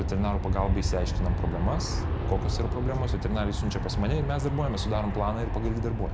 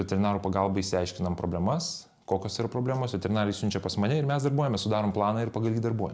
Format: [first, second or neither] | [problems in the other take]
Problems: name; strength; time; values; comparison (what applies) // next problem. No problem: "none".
second | background sound (Aircraft); 2 dB above the speech